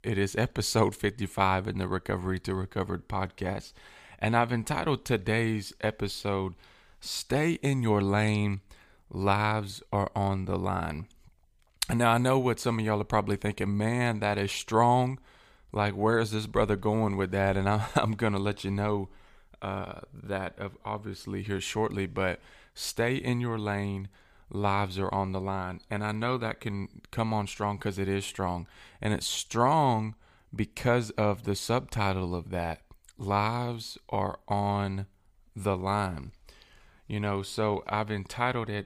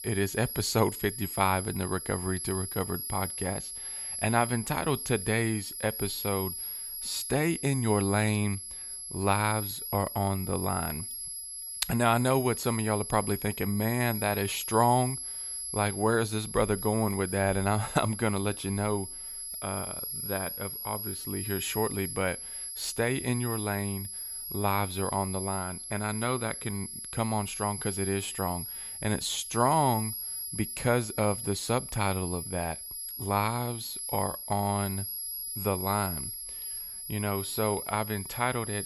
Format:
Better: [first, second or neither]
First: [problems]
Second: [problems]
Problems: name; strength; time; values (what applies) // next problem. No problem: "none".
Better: first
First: none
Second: high-pitched whine; loud; throughout; 11 kHz, 5 dB below the speech